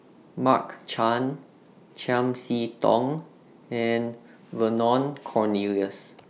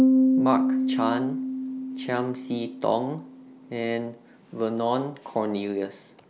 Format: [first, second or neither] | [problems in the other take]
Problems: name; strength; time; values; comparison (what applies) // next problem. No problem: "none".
first | background sound (Piano); 2 dB above the speech